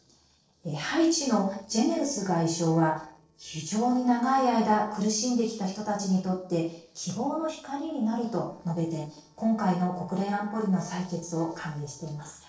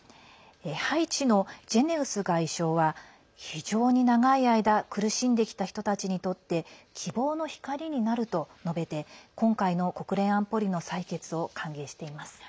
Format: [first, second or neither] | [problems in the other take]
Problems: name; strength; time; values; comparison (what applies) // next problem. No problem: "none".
second | noise reduction (neural separator model SepFormer DNS4)